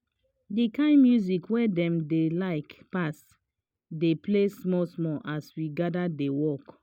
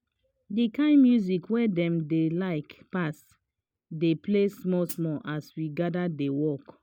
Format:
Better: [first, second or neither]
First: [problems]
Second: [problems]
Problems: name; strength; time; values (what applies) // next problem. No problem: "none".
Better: first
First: none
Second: background sound (Hi-hat); 13 dB below the speech